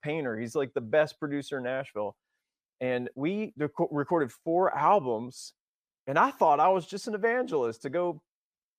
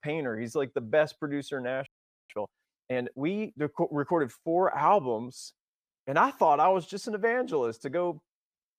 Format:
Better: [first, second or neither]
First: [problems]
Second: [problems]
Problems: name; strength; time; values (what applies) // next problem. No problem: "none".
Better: first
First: none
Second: audio freezing; at 2 s